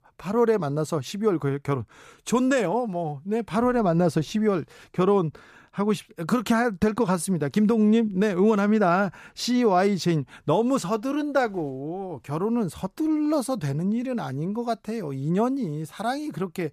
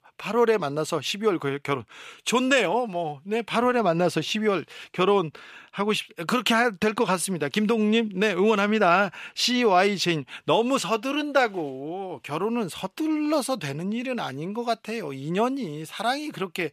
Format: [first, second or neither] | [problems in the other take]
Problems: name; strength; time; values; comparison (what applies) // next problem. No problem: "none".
first | thin; very slightly; fading below 400 Hz